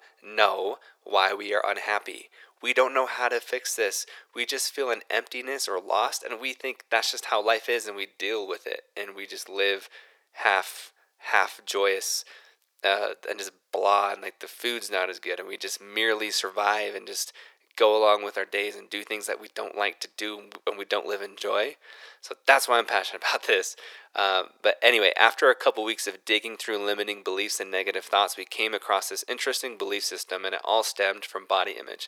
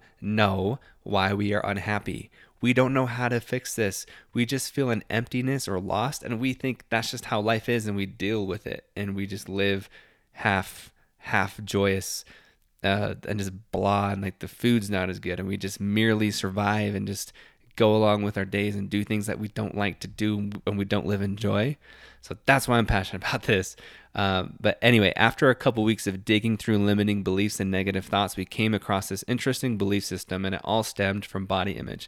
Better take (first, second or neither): second